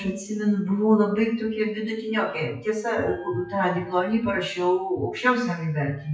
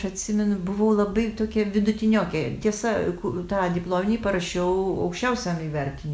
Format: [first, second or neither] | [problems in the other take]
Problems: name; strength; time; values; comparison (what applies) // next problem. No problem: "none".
second | noise reduction (classical method WPE with log-MMSE)